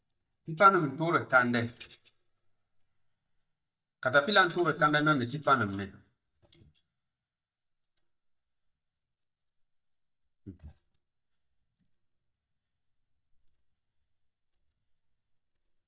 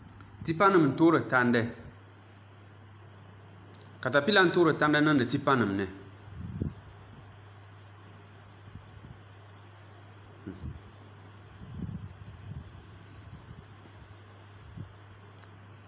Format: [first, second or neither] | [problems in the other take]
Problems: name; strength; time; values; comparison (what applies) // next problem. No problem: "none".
second | noise reduction (neural mask model DeepFilterNet 3)